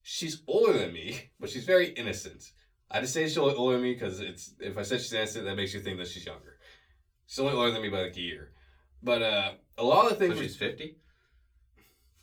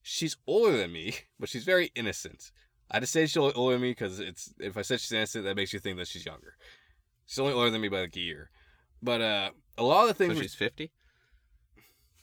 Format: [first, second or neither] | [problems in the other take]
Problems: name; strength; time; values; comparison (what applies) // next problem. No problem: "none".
second | off-mic speech; far // room echo; very slight; dies away in 0.2 s